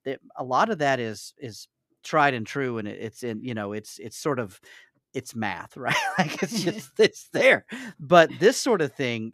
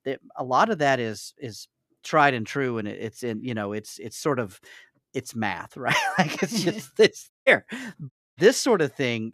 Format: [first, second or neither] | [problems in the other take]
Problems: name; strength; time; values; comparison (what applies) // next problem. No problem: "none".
first | audio cutting out; at 7.5 s and at 8 s